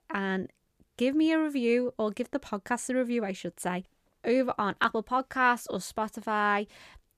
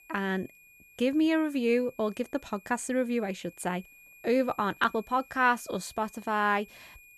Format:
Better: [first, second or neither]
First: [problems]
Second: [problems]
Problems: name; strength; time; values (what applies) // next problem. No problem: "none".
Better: first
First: none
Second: high-pitched whine; faint; throughout; 2.5 kHz, 25 dB below the speech